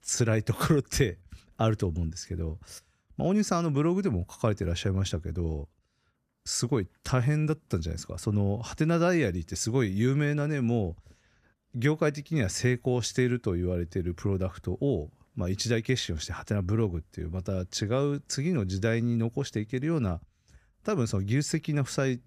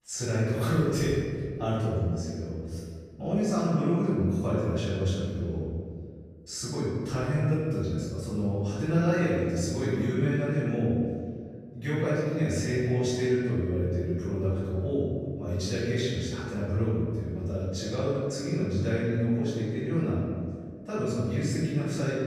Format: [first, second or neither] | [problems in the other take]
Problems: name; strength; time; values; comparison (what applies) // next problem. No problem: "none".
first | off-mic speech; far // room echo; strong; dies away in 1.9 s